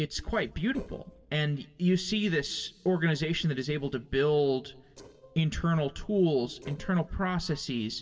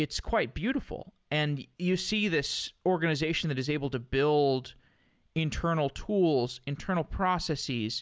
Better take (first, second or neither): second